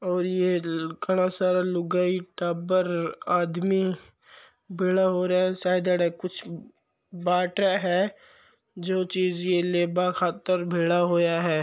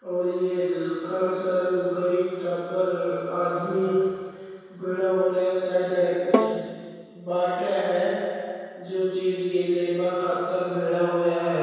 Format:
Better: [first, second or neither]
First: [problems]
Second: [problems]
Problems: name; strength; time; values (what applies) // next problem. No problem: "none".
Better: first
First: none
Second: background sound (Bowed string instrument); 4 dB below the speech // room echo; dies away in 2.2 s